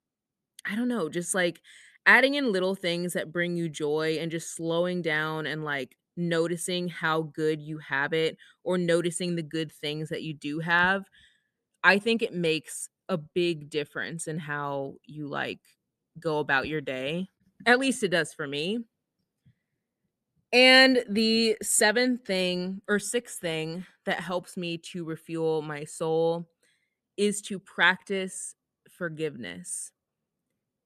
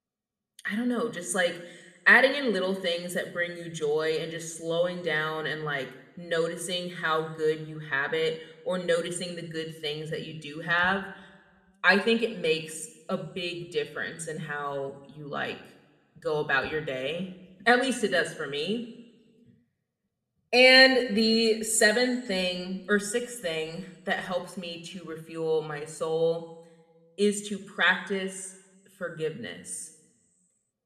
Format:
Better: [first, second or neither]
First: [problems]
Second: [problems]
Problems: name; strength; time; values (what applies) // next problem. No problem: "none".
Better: first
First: none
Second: room echo; slight; dies away in 0.8 s